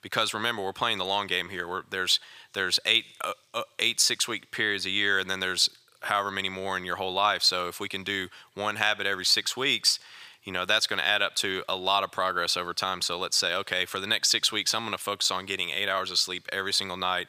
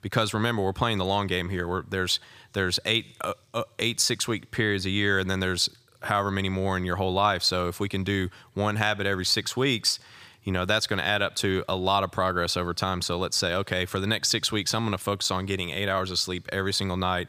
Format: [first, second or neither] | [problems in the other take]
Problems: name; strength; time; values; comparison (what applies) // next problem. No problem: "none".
second | thin; somewhat; fading below 800 Hz